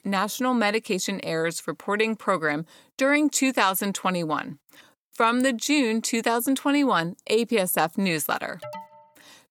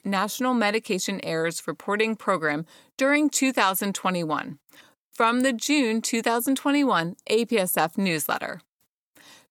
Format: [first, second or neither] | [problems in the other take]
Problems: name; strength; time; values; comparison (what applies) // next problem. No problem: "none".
second | alarm; faint; at 8.5 s; peak 15 dB below the speech